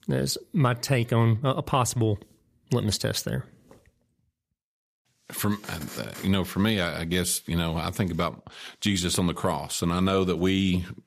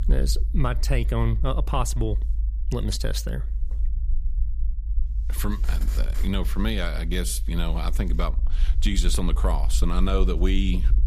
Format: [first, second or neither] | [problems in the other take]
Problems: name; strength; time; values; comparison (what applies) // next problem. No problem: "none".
first | low rumble; noticeable; throughout; 20 dB below the speech